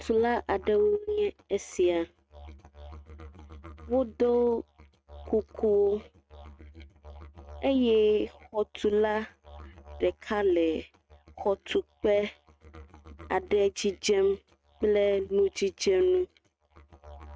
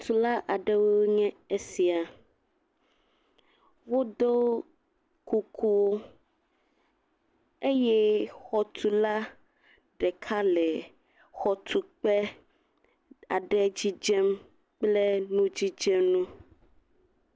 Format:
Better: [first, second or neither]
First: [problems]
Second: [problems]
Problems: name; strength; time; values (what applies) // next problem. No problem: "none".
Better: second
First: noise reduction (neural mask model RNNoise)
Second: none